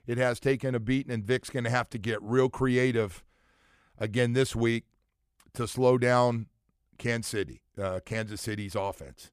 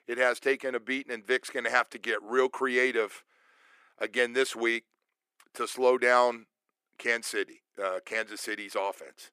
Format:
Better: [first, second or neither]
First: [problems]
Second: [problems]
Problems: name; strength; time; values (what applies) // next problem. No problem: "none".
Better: first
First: none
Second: thin; somewhat; fading below 300 Hz